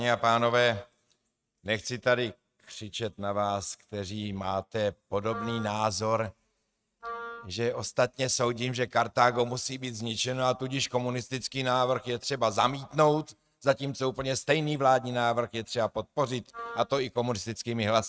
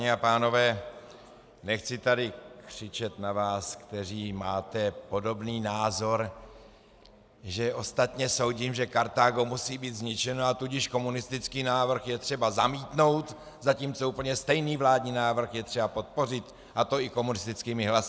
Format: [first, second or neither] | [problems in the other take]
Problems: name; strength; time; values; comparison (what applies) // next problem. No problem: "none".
second | noise reduction (neural mask model RNNoise)